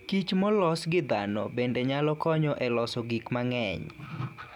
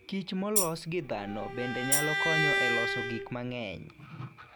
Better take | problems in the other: first | background sound (Tambourine + Bowed string instrument); 4 dB above the speech

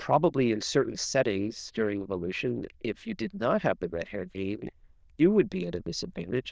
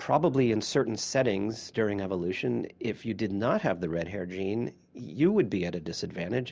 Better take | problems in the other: second | noise reduction (neural diffusion model UNIVERSE++)

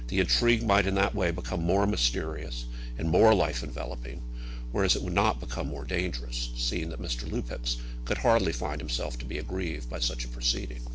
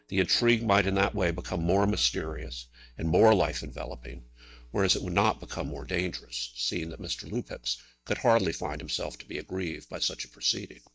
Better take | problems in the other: first | noise reduction (neural mask model DeepFilterNet 3)

